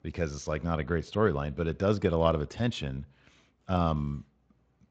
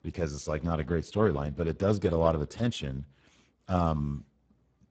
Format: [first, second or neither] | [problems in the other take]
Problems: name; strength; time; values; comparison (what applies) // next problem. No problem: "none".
first | garbled, watery; badly; nothing above 7.5 kHz; slightly in the first